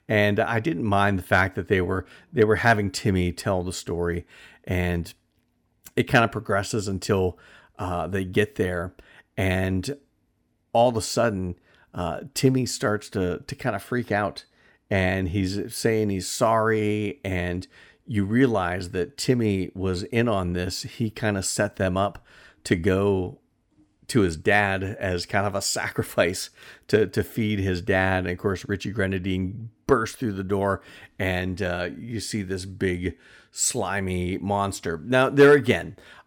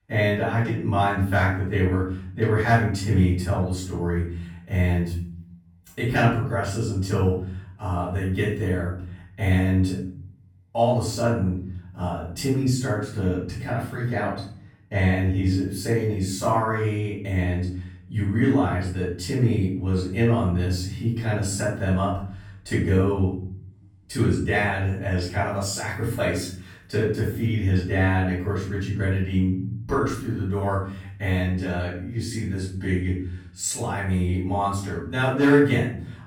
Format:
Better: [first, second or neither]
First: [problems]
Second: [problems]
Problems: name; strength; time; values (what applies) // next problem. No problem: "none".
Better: first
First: none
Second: room echo; noticeable; dies away in 0.8 s // off-mic speech; far